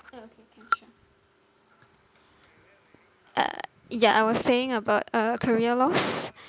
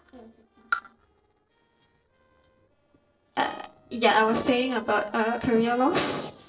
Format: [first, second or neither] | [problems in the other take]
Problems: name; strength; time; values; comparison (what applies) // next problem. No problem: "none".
first | noise reduction (neural separator model SepFormer DNS4)